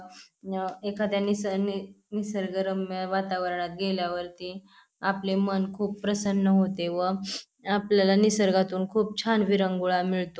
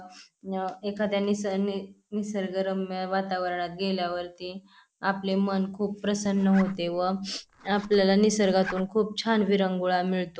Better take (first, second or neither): first